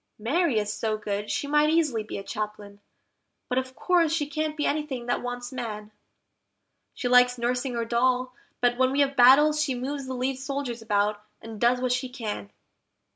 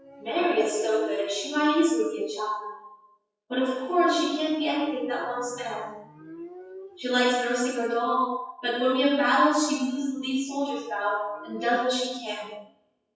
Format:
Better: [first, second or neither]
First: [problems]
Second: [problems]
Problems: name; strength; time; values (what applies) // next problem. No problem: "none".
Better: first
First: none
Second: noise reduction (classical method WPE with log-MMSE)